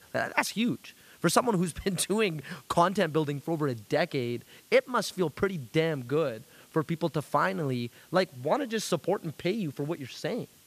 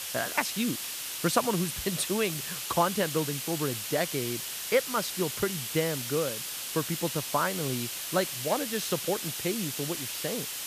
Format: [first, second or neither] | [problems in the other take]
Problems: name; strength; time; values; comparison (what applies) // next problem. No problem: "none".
first | hiss; loud; throughout; 2 dB below the speech; faint in the first